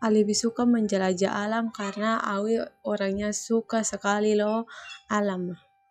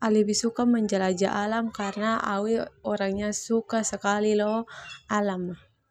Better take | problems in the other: second | noise reduction (classical method log-MMSE)

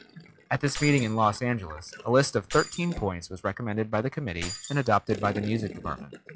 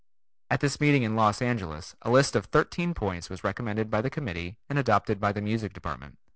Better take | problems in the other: second | noise reduction (classical method log-MMSE)

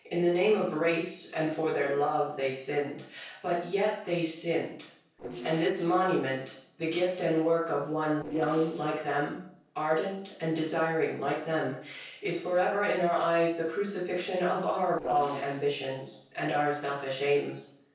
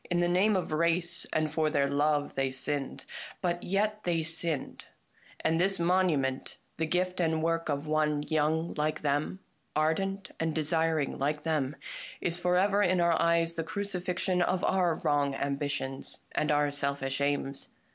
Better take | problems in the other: second | noise reduction (neural separator model SepFormer DNS4)

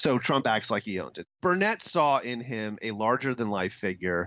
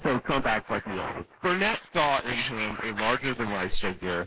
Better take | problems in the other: first | noise reduction (neural mask model Resemble Enhance denoiser)

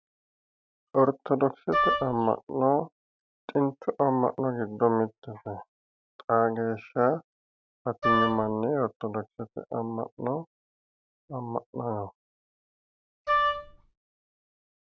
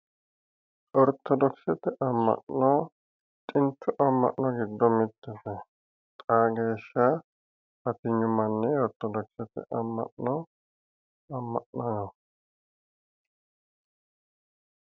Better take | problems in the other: second | background sound (Wind instrument, woodwind instrument); 2 dB above the speech

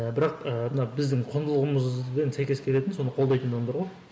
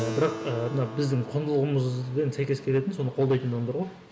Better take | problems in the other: first | background sound (Keyboard (musical)); 13 dB below the speech

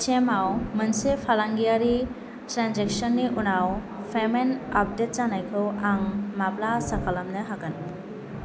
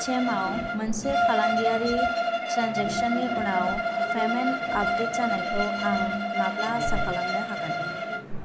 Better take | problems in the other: first | background sound (Bowed string instrument); 2 dB above the speech

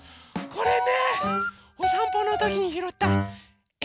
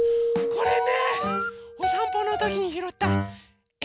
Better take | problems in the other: first | background sound (Keyboard (musical)); 4 dB below the speech

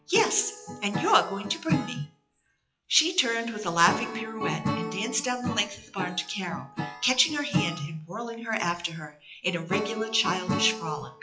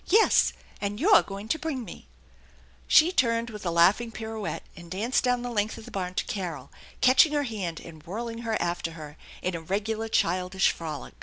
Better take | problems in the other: second | noise reduction (classical method WPE with log-MMSE)

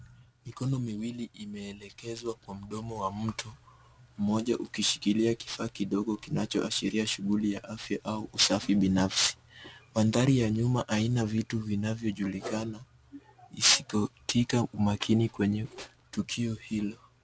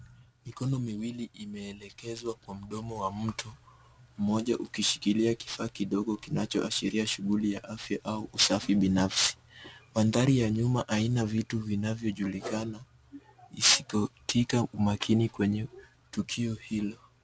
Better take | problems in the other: second | background sound (Tools); 20 dB below the speech

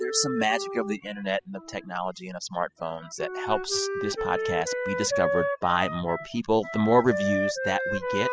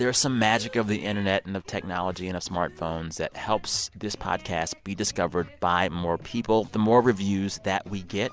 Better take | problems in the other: second | noise reduction (classical method spectral subtraction)

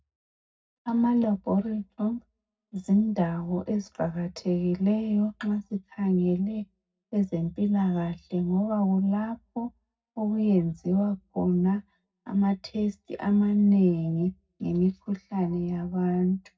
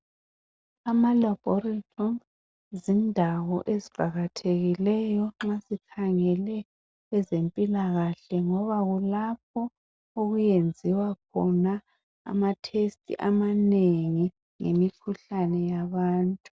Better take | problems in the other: second | room echo; dies away in 0.4 s

